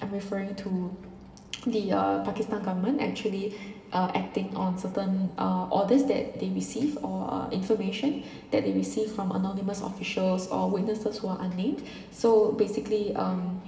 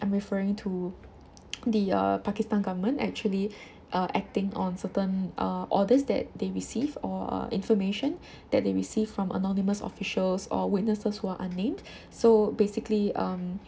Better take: second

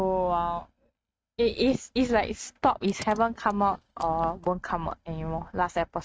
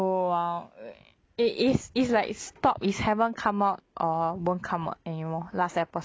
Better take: second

